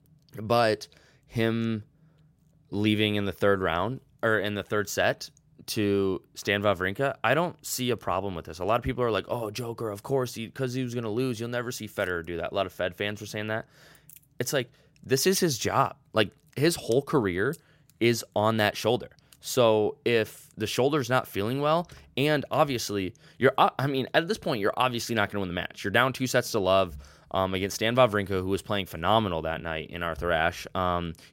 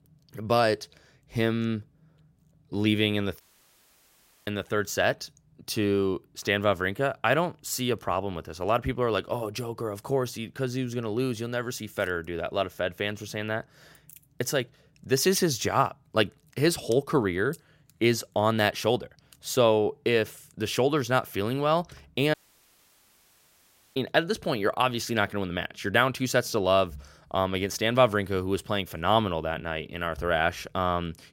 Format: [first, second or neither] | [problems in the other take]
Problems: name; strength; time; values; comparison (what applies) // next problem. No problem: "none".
first | audio cutting out; at 3.5 s for 1 s and at 22 s for 1.5 s